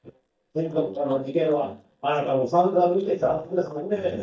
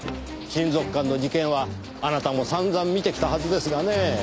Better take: second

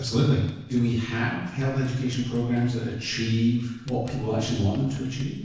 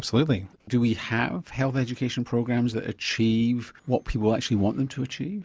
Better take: second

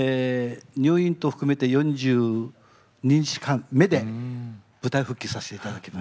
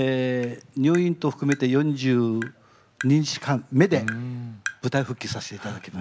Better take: first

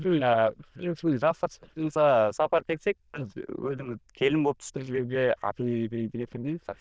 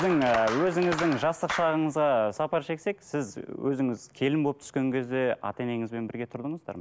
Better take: second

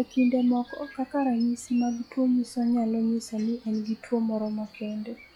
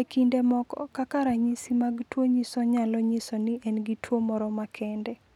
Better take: second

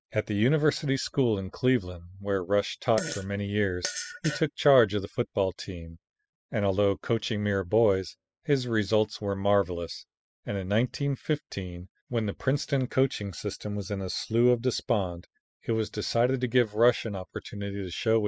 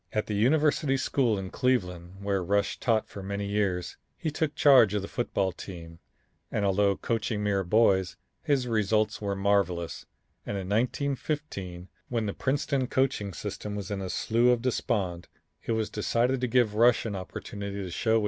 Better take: second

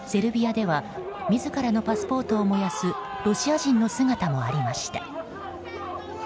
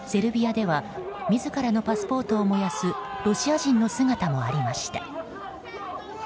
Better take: second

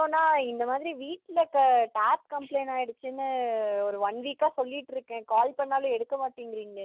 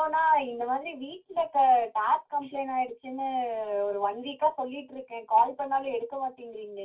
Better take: first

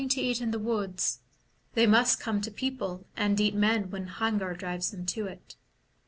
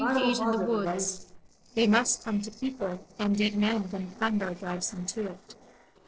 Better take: first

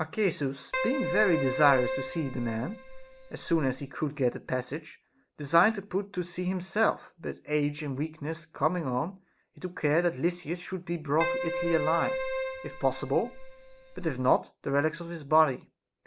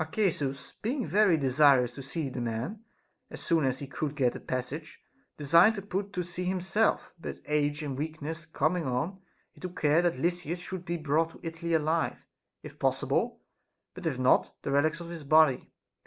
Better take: second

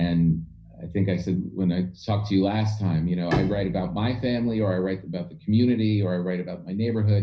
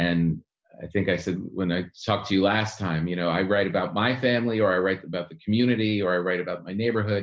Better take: second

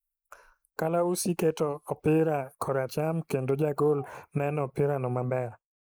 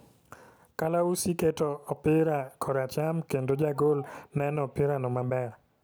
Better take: second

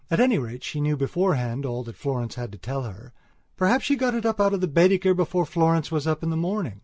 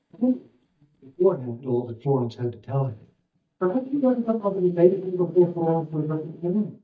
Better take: first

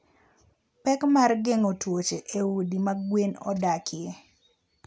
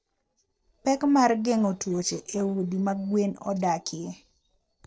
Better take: first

